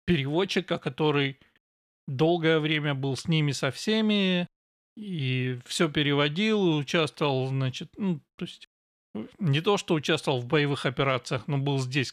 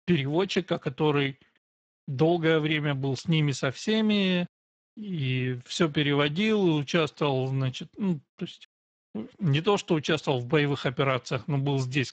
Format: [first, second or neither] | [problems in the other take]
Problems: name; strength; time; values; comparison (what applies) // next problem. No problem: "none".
first | garbled, watery; badly; nothing above 7.5 kHz